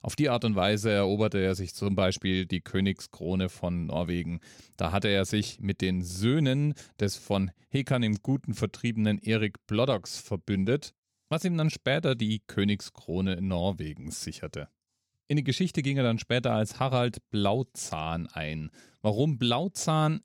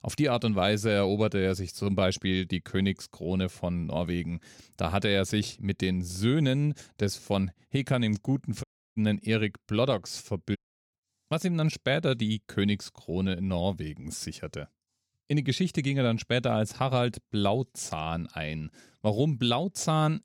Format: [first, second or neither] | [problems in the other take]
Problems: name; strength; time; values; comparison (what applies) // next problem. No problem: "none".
first | audio cutting out; at 8.5 s and at 11 s